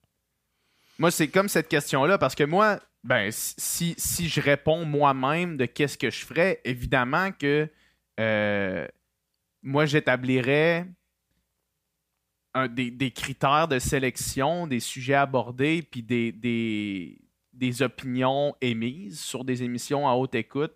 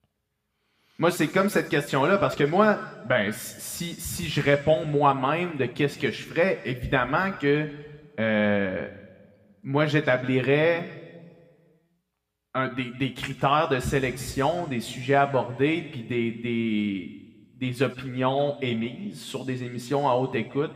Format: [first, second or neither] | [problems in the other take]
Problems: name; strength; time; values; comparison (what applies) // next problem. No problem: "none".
first | room echo; very slight; dies away in 1.3 s